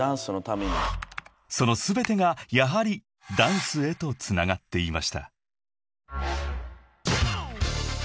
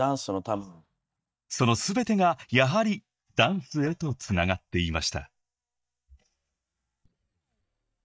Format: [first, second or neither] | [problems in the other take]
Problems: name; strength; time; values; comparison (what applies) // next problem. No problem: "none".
first | noise reduction (neural mask model DeepFilterNet 3)